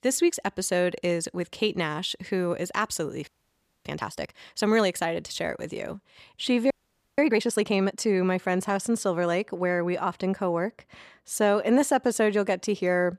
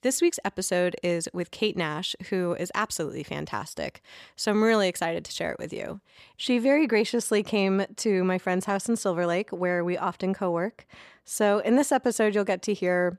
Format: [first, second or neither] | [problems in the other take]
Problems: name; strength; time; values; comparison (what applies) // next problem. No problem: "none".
second | audio freezing; at 3.5 s for 0.5 s and at 6.5 s